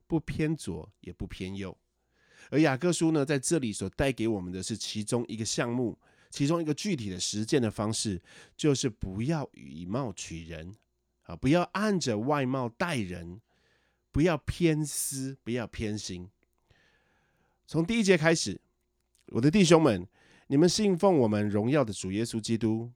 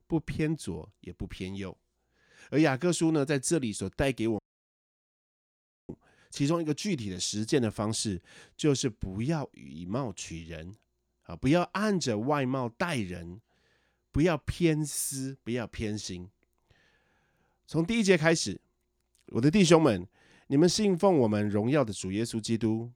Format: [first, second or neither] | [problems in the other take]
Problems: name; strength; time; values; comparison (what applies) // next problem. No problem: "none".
first | audio cutting out; at 4.5 s for 1.5 s